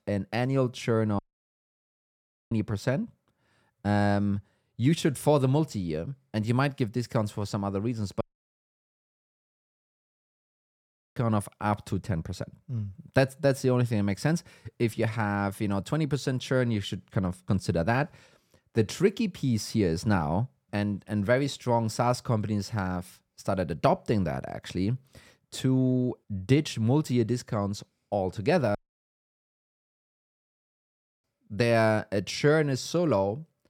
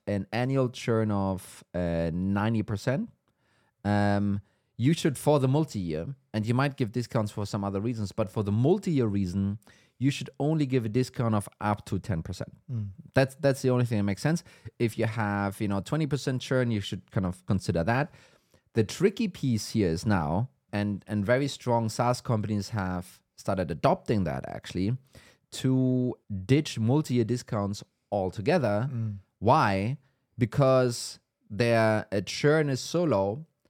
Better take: second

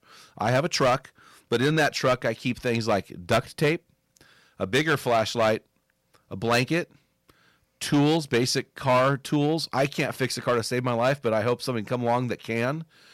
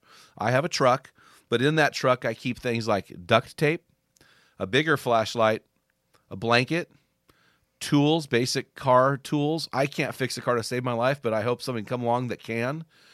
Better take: second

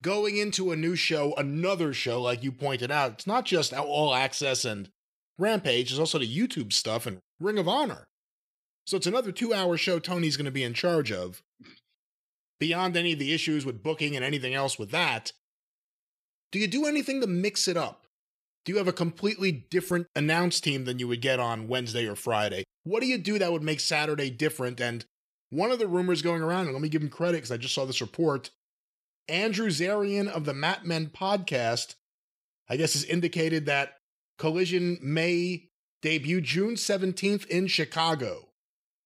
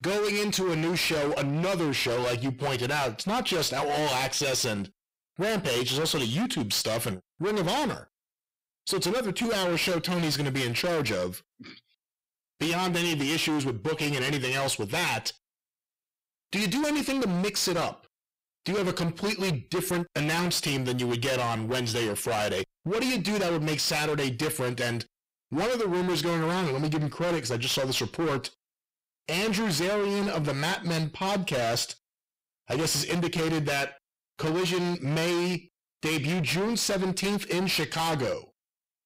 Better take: first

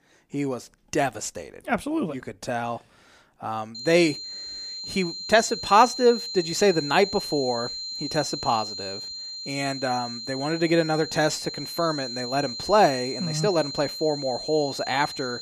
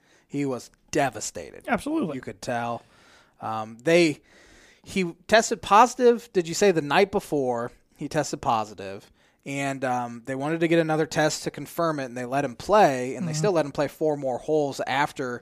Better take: second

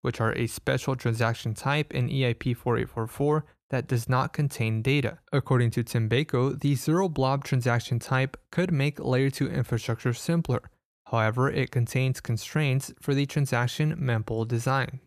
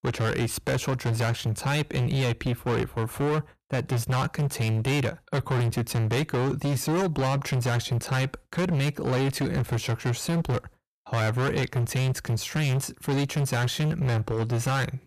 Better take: first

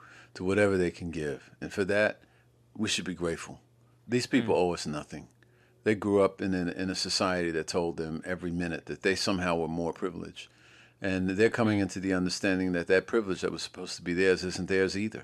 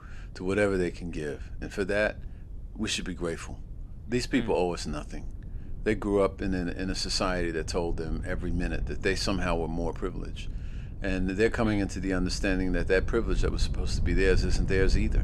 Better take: first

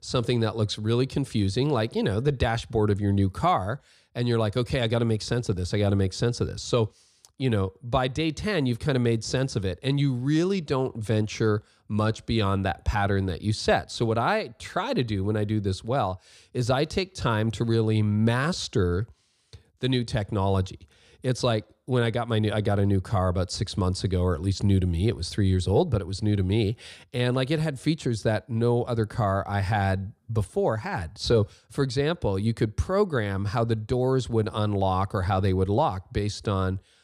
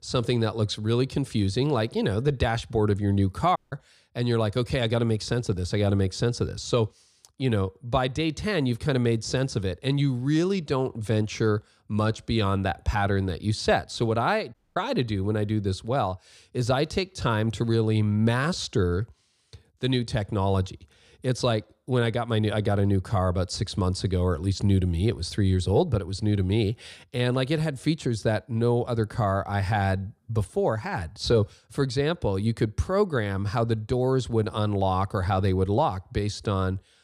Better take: first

